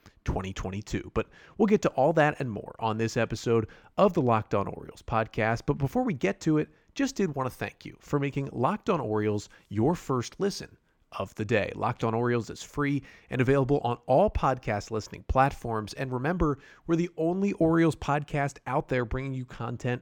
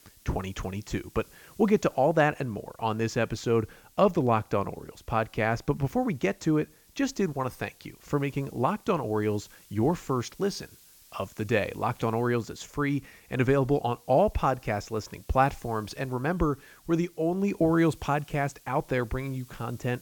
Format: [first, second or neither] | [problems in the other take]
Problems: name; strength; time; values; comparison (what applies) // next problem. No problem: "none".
first | hiss; faint; throughout; 25 dB below the speech